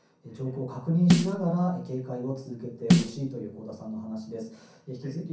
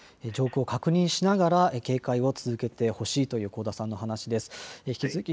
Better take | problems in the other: second | background sound (Snare drum); 4 dB above the speech // room echo; dies away in 0.6 s

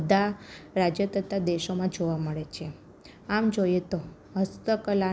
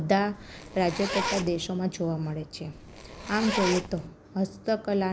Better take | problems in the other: first | background sound (Zipper (clothing)); 6 dB below the speech

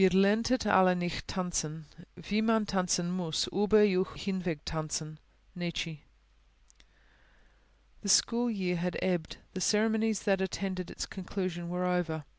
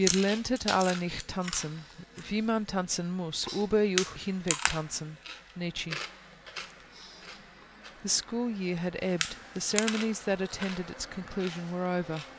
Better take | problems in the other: first | background sound (Chewing, mastication); 7 dB below the speech

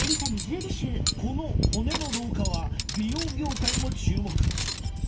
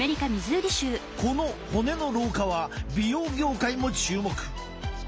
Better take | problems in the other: second | background sound (Cutlery, silverware); 5 dB above the speech // room echo; dies away in 0.2 s

